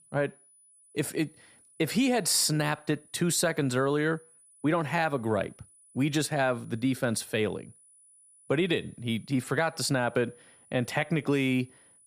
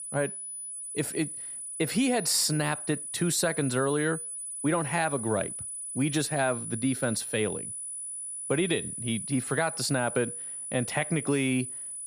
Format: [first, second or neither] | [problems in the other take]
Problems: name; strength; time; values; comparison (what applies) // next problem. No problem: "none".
first | high-pitched whine; loud; throughout; 10 kHz, 6 dB below the speech; faint in the first